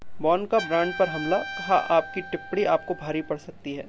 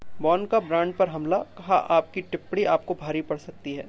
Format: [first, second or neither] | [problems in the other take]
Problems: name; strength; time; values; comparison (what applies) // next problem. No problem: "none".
second | background sound (Trumpet); 12 dB below the speech